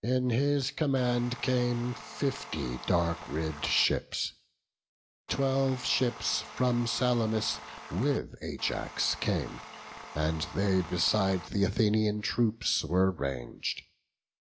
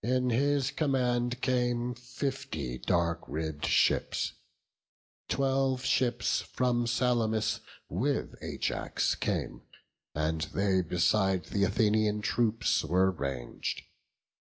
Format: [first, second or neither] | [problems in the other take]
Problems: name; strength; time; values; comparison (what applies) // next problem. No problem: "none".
second | background sound (Tools); 15 dB below the speech